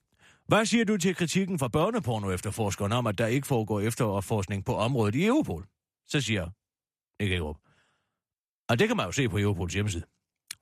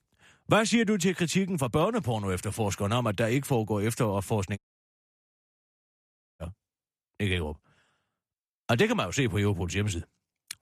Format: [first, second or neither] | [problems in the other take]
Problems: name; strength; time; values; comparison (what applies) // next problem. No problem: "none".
first | audio cutting out; at 4.5 s for 2 s